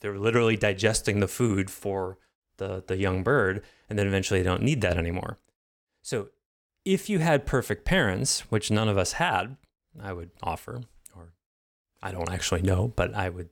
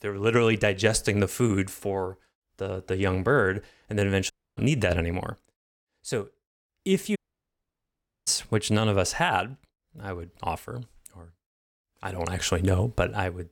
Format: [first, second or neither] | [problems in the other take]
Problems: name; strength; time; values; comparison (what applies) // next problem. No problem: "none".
first | audio cutting out; at 4.5 s and at 7 s for 1 s